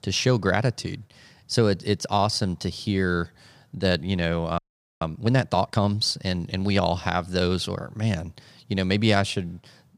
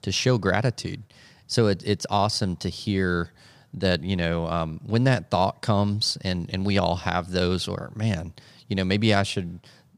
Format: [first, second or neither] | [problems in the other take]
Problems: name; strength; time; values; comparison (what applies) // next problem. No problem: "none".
second | audio freezing; at 4.5 s